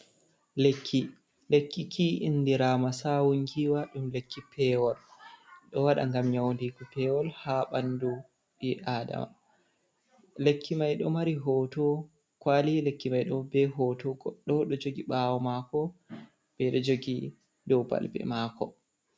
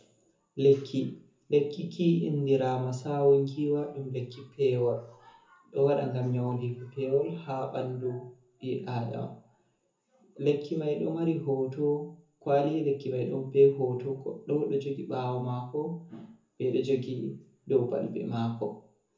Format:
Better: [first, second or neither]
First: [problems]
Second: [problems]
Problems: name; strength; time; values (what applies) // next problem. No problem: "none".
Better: first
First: none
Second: room echo; dies away in 0.5 s